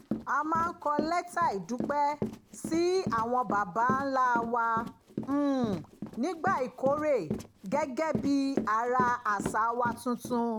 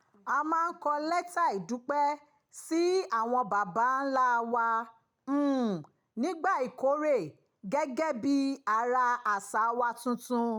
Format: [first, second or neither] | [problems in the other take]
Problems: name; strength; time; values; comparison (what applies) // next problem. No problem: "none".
second | background sound (Run); 9 dB below the speech